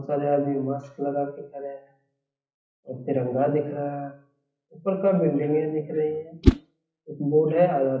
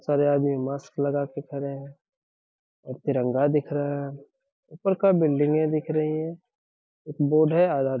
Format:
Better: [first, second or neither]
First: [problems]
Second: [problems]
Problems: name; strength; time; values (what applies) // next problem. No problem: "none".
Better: second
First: noise reduction (classical method WPE with log-MMSE)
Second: none